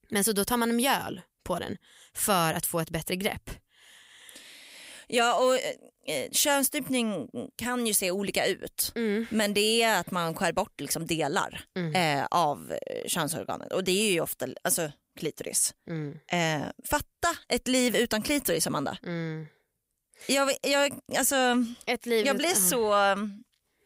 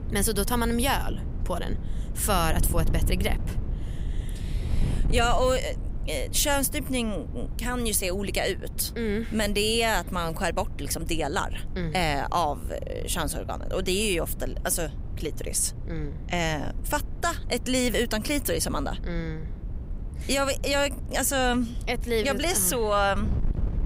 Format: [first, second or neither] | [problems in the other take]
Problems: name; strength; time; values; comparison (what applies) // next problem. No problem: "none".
first | wind noise on the microphone; occasional gusts; 20 dB below the speech